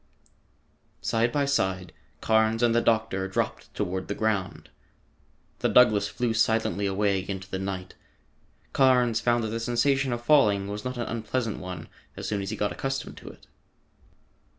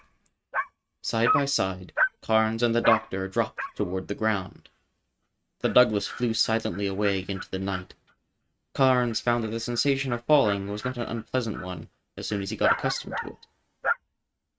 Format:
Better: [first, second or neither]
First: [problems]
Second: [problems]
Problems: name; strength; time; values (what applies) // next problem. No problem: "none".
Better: first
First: none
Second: noise reduction (neural mask model RNNoise)